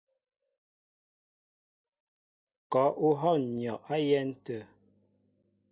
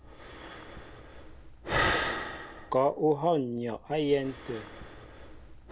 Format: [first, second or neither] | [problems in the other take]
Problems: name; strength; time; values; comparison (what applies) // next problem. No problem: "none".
first | background sound (Breathing); 5 dB below the speech